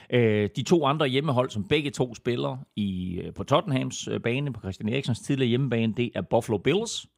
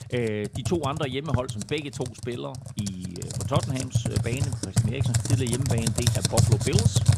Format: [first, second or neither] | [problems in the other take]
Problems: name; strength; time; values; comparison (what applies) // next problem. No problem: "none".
first | household noises; very loud; throughout; 5 dB above the speech